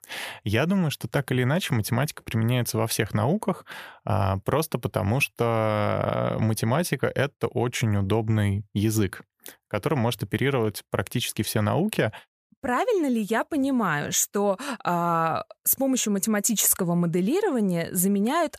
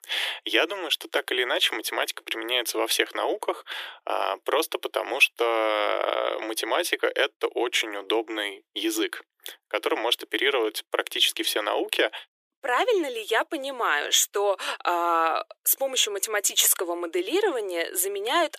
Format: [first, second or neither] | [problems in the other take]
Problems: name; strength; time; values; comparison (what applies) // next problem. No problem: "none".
first | thin; very; fading below 350 Hz